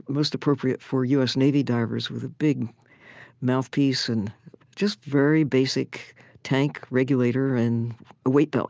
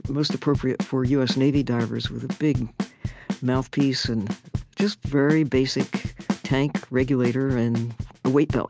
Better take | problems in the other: first | background sound (Bass drum / Snare drum / Drum kit); 8 dB below the speech

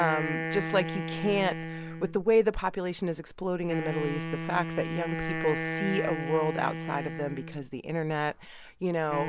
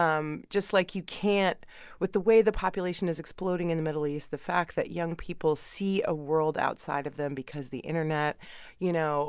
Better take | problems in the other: second | background sound (Wind instrument, woodwind instrument); 6 dB below the speech

